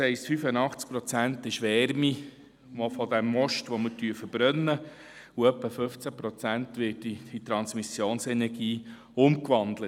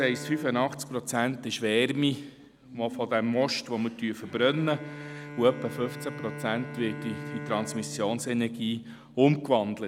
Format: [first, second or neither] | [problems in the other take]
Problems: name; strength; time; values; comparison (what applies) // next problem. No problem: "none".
first | background sound (Bowed string instrument); 14 dB below the speech